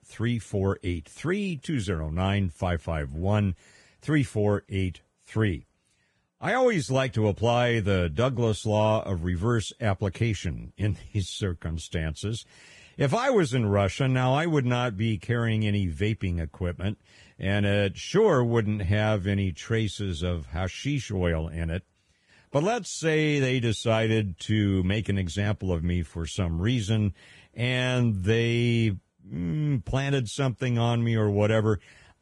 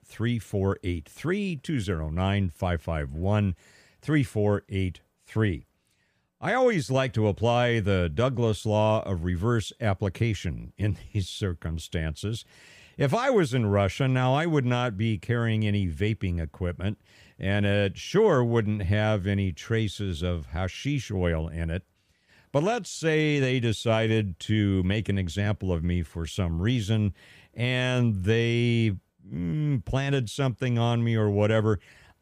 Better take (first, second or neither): second